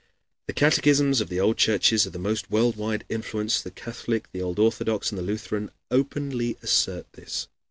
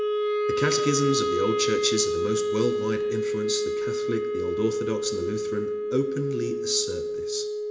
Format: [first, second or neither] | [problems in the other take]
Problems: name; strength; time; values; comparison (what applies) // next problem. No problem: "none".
first | background sound (Wind instrument, woodwind instrument); 2 dB above the speech // room echo; dies away in 0.8 s